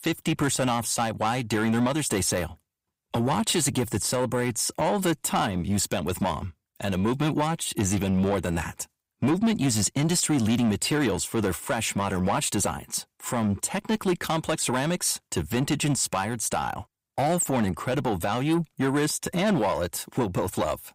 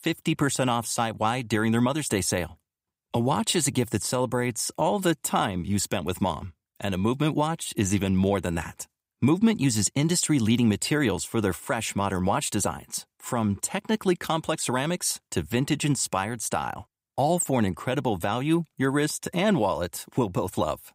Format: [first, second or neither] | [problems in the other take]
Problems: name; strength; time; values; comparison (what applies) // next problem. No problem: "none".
second | distortion; slight; 10 dB below the speech